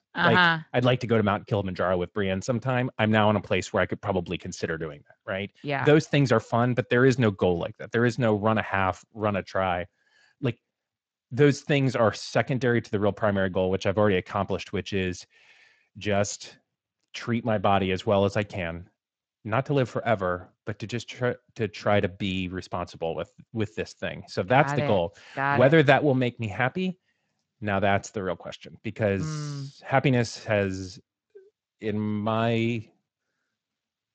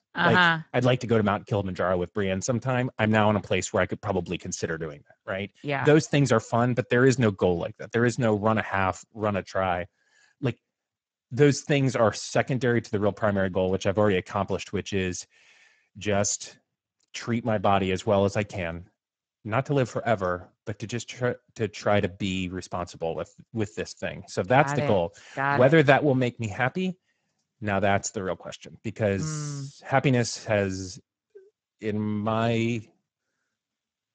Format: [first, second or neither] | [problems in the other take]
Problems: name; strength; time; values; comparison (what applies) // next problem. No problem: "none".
first | garbled, watery; badly; nothing above 7.5 kHz; slightly in the first